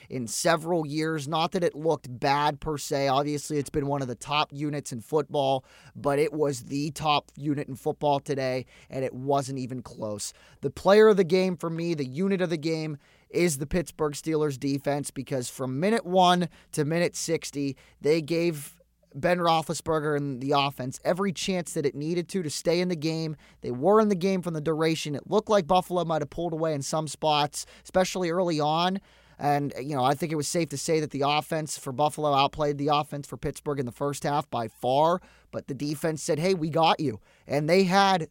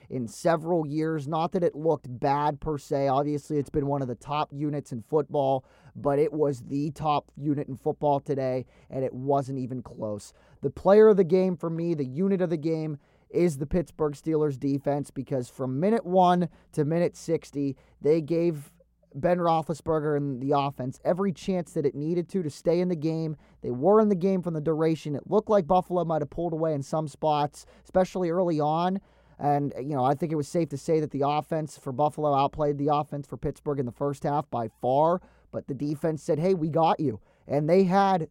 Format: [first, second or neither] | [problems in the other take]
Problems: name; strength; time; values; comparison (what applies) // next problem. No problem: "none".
first | muffled; slightly; fading above 1.5 kHz